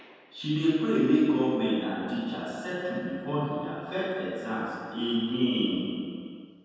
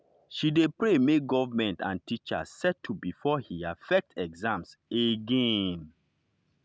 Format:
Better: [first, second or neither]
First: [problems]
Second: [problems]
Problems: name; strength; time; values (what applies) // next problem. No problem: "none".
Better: second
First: room echo; dies away in 2.1 s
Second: none